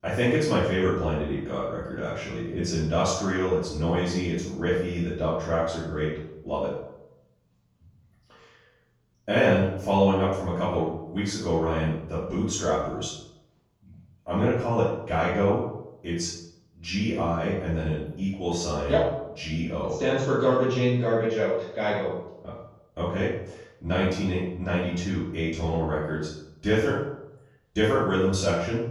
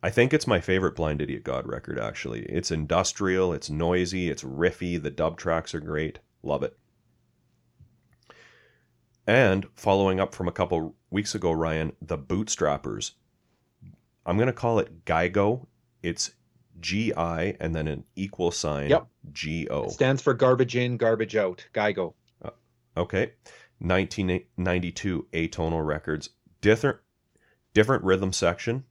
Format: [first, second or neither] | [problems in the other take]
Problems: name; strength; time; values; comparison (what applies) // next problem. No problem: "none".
second | room echo; noticeable; dies away in 0.6 s // off-mic speech; far